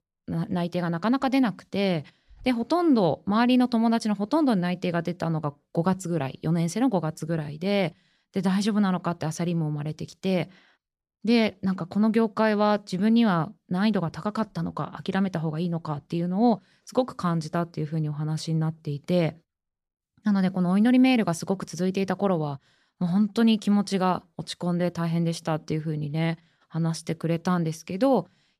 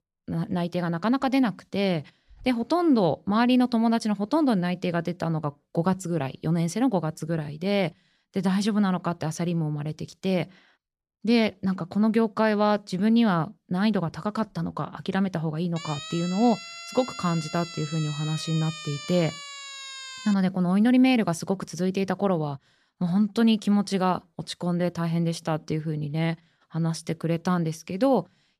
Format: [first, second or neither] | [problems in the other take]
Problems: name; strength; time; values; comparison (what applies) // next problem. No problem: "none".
first | siren; noticeable; from 16 to 20 s; peak 10 dB below the speech